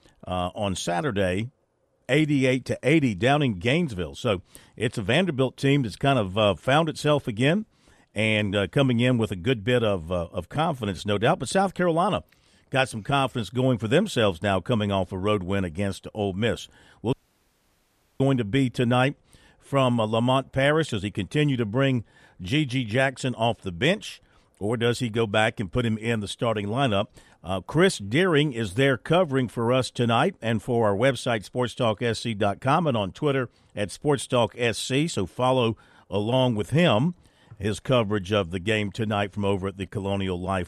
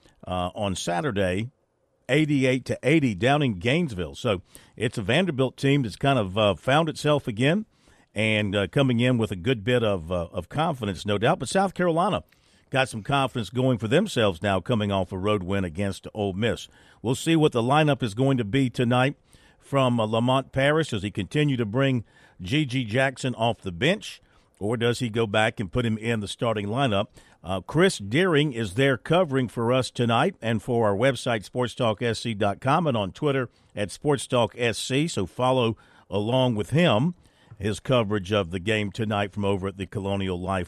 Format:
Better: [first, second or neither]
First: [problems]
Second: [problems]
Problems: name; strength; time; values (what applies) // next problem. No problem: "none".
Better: second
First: audio cutting out; at 17 s for 1 s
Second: none